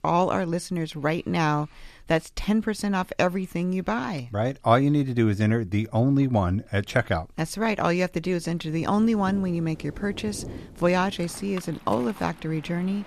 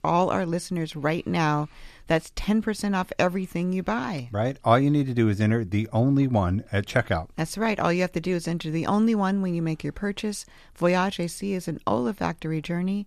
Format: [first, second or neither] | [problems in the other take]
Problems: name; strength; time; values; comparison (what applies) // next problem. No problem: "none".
second | rain or running water; noticeable; from 9 s on; 15 dB below the speech